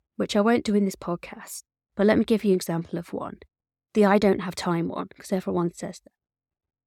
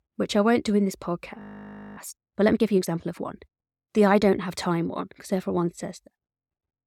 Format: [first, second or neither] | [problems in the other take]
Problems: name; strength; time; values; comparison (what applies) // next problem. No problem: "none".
first | audio freezing; at 1.5 s for 0.5 s